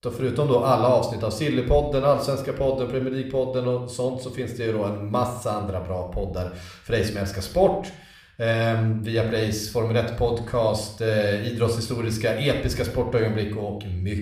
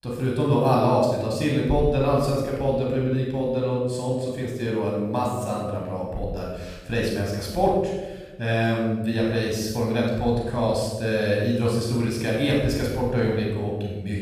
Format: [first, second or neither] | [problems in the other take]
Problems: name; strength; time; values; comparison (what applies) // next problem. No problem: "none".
first | room echo; strong; dies away in 1 s; slight in the first // off-mic speech; far